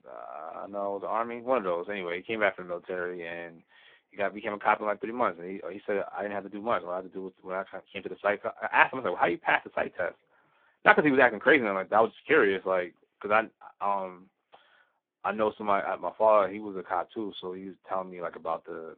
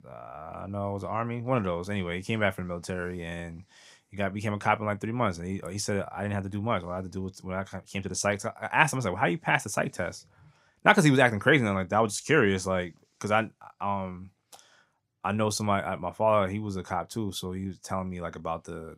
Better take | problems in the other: second | phone-call audio; poor line

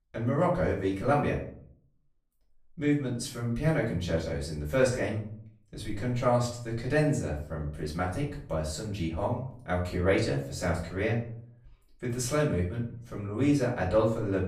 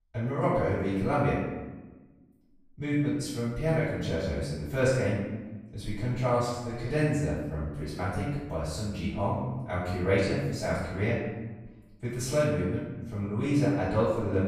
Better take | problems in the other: first | room echo; strong; dies away in 1.1 s; slight in the first // off-mic speech; far; far in the first

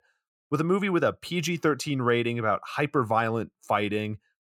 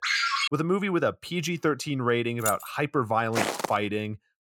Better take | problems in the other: first | phone ringing; loud; at the start; peak 4 dB above the speech // jangling keys; noticeable; at 2.5 s; peak 4 dB below the speech // footsteps; noticeable; at 3.5 s; peak level with the speech

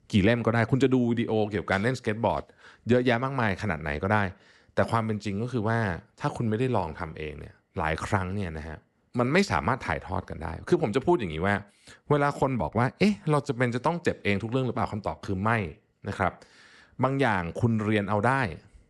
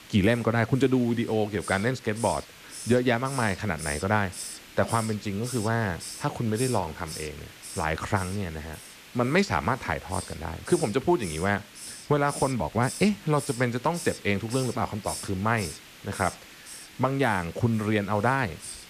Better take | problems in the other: first | hiss; noticeable; throughout; 15 dB below the speech

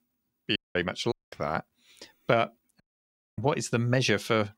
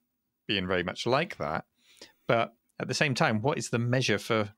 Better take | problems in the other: second | audio cutting out; at 0.5 s, at 1 s and at 3 s for 0.5 s

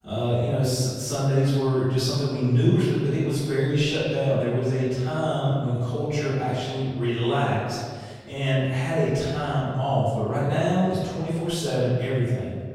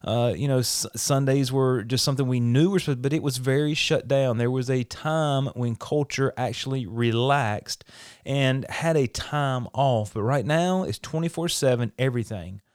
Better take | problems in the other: second | off-mic speech; far // room echo; strong; dies away in 1.7 s

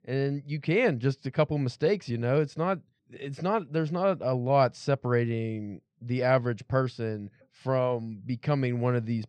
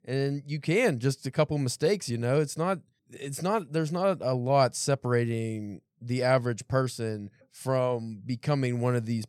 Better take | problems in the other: second | muffled; slightly; fading above 4 kHz

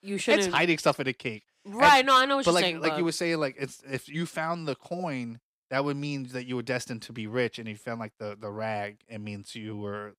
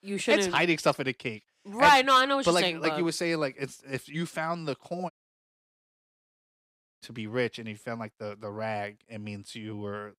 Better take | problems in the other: first | audio cutting out; at 5 s for 2 s

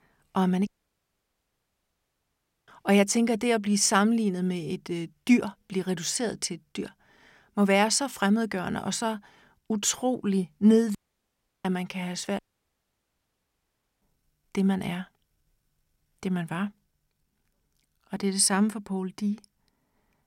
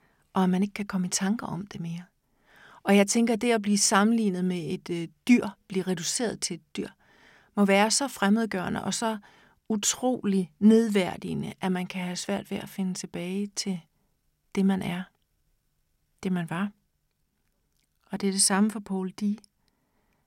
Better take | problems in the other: second | audio cutting out; at 0.5 s for 2 s, at 11 s for 0.5 s and at 12 s for 1.5 s

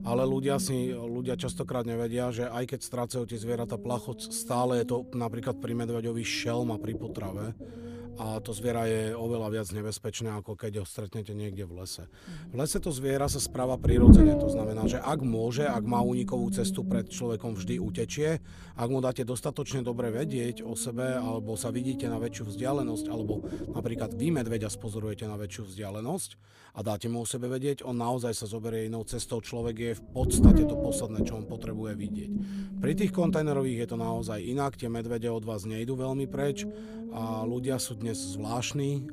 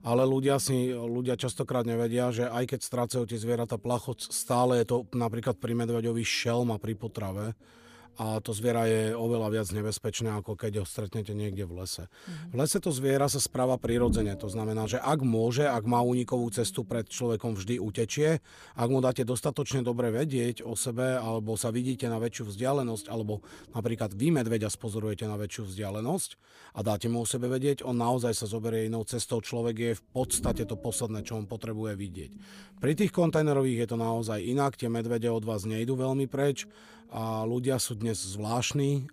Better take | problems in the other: second | low rumble; loud; throughout; 2 dB below the speech; faint in the second

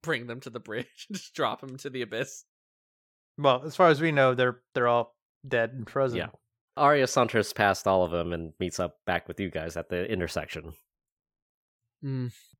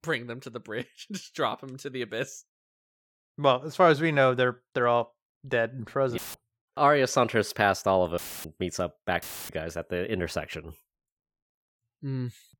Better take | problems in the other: first | audio cutting out; filled with static; at 6 s, at 8 s and at 9 s

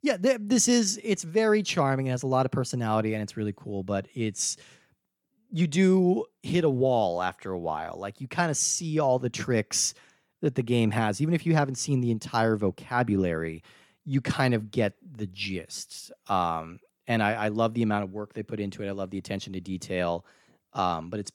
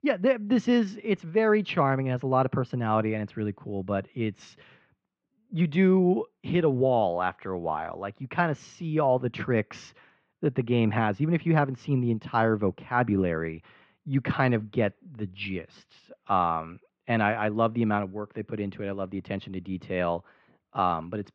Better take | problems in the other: first | muffled; very; fading above 3 kHz

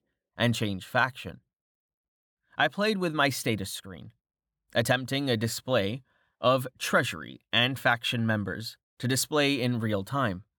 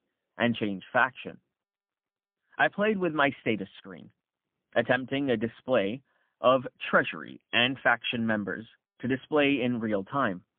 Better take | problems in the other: first | phone-call audio; poor line; nothing above 3.5 kHz

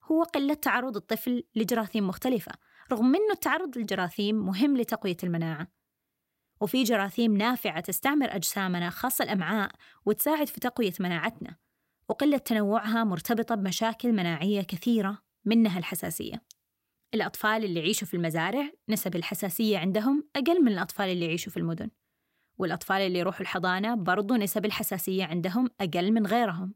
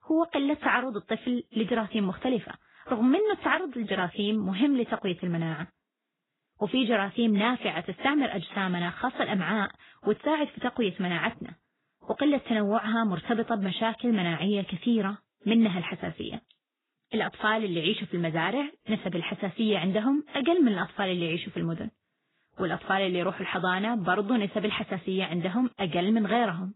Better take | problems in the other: first | garbled, watery; badly; nothing above 4 kHz

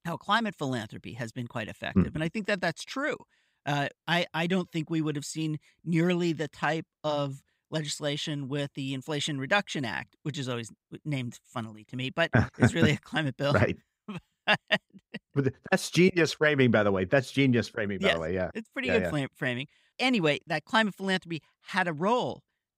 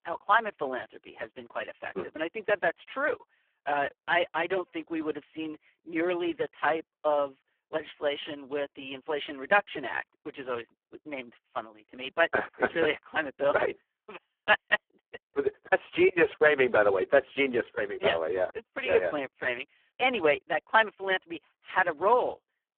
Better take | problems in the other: first | phone-call audio; poor line

